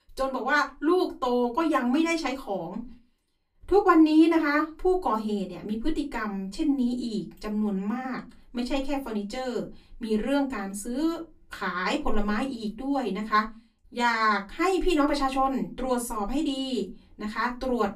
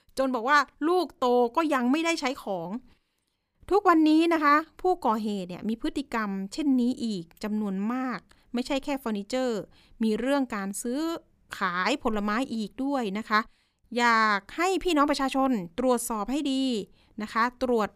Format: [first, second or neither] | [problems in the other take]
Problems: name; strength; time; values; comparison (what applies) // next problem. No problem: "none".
second | off-mic speech; far // room echo; very slight; dies away in 0.2 s